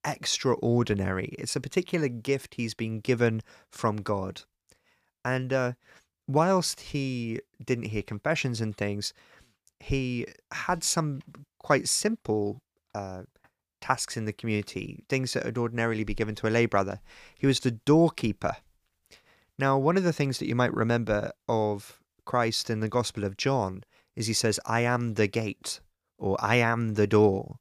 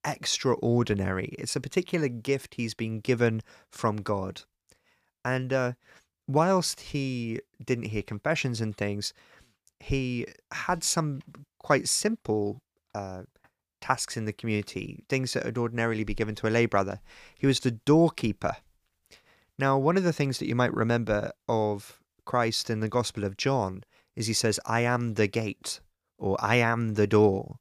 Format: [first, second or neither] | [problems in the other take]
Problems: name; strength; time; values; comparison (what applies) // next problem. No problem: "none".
neither | none